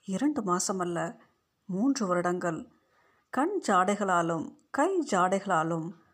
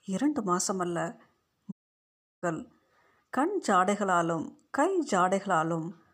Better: first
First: none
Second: audio cutting out; at 1.5 s for 0.5 s

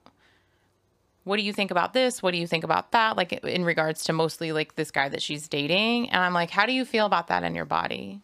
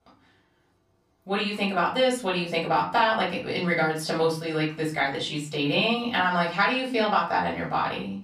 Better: first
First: none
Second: room echo; slight; dies away in 0.4 s // off-mic speech; far

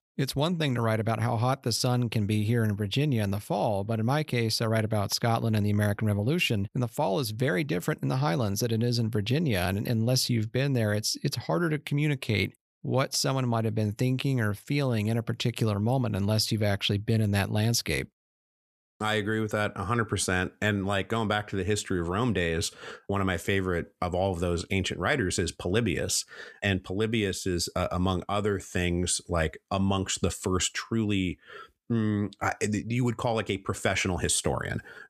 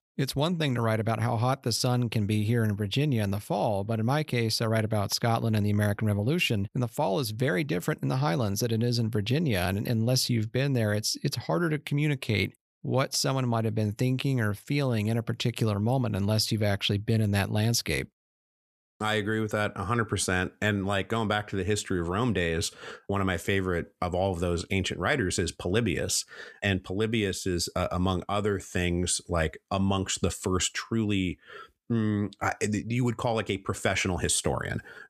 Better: neither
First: none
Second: none

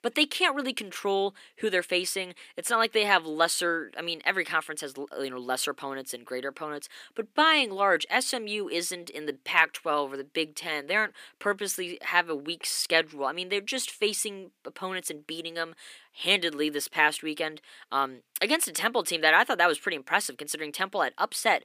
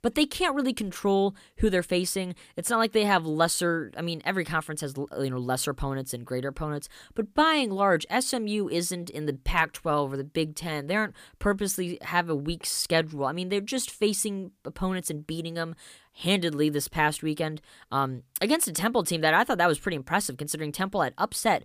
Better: second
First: thin; somewhat; fading below 300 Hz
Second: none

